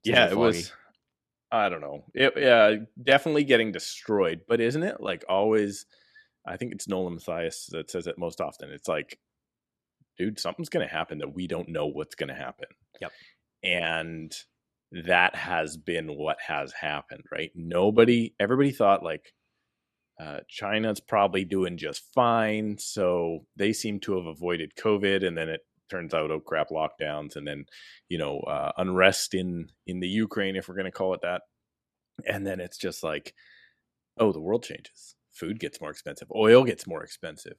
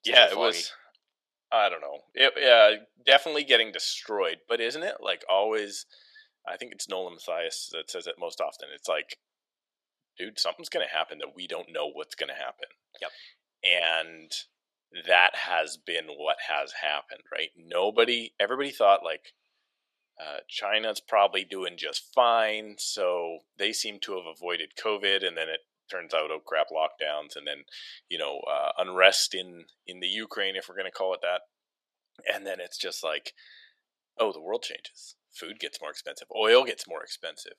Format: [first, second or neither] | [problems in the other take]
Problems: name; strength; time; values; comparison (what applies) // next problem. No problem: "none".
first | thin; very; fading below 650 Hz